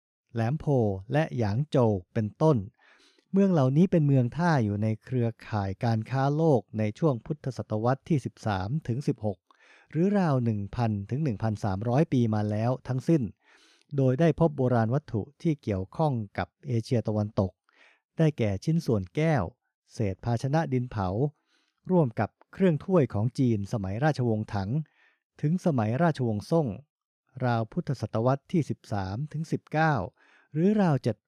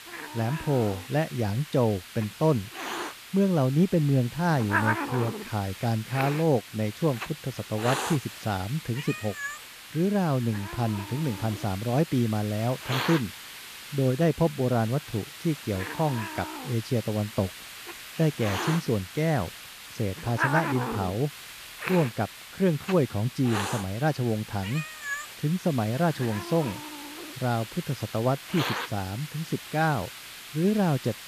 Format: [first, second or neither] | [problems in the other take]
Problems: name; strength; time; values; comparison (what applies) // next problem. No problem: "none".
first | hiss; loud; throughout; 8 dB below the speech